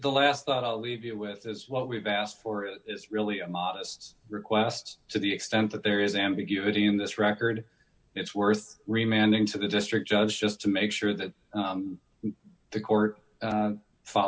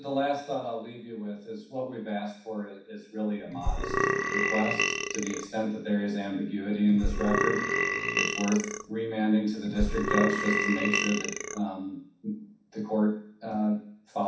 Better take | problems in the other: first | background sound (Burping, eructation); 1 dB above the speech // room echo; dies away in 0.6 s

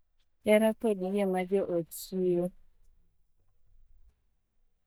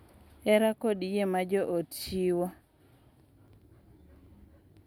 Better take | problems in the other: second | noise reduction (neural mask model DeepFilterNet 3)

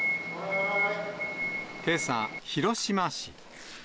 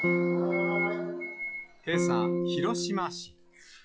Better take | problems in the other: first | noise reduction (classical method log-MMSE)

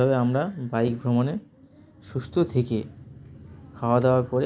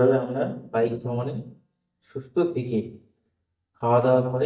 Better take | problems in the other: first | noise reduction (neural mask model DeepFilterNet 3)

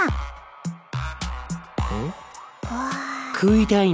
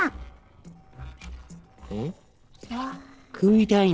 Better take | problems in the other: first | noise reduction (neural separator model SepFormer DNS4)

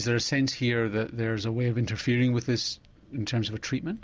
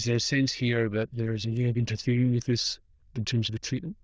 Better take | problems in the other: first | noise reduction (neural diffusion model UNIVERSE++)

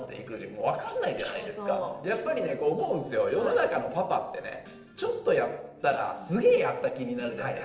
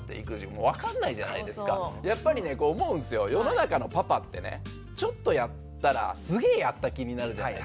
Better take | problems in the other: second | noise reduction (neural separator model SepFormer DNS4)

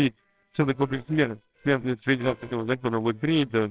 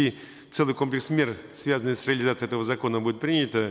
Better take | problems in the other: second | noise reduction (neural separator model SepFormer WHAMR!)

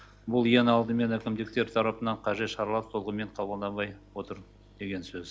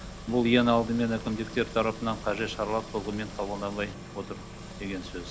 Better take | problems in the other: first | background sound (Engine); 12 dB below the speech

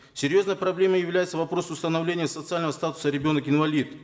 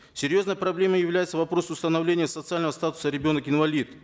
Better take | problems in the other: second | room echo; dies away in 1.2 s

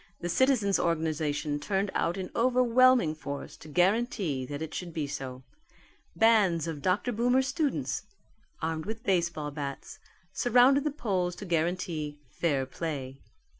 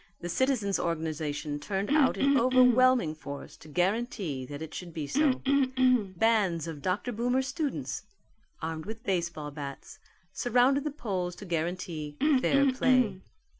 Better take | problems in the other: first | background sound (Cough); 5 dB above the speech

